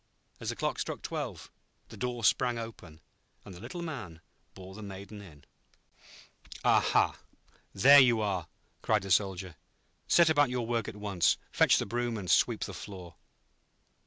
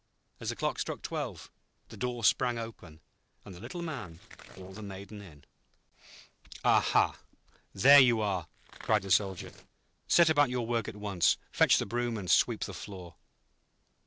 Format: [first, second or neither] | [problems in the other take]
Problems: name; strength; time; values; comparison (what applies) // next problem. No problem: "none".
first | noise reduction (neural separator model SepFormer DNS4)